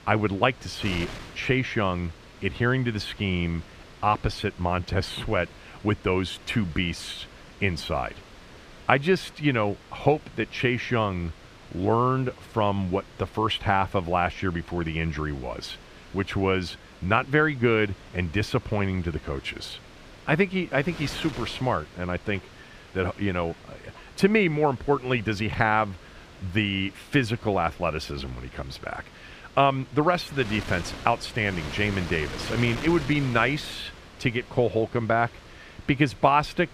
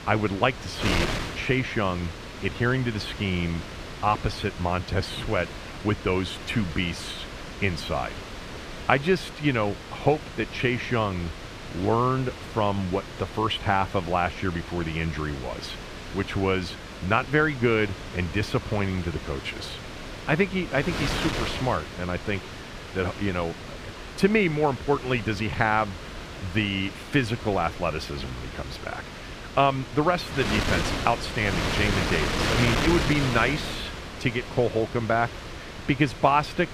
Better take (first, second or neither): first